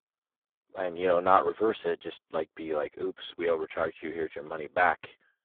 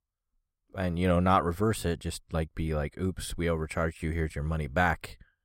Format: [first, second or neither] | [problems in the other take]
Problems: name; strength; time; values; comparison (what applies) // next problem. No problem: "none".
second | phone-call audio; poor line